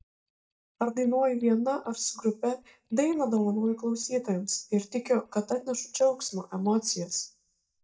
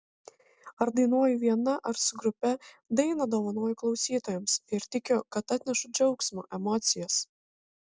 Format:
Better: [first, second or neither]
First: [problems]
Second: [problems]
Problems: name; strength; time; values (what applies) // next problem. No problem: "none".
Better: second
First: noise reduction (neural mask model DeepFilterNet 3)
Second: none